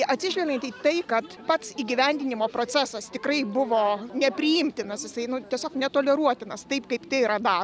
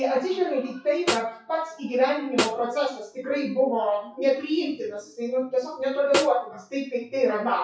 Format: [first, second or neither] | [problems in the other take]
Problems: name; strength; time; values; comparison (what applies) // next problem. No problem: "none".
first | noise reduction (classical method WPE with log-MMSE)